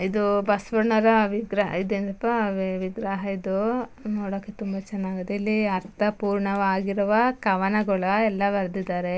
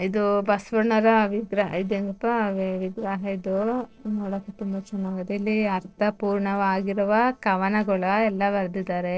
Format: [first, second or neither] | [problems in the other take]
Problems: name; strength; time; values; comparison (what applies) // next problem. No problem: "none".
first | noise reduction (neural separator model SepFormer DNS4)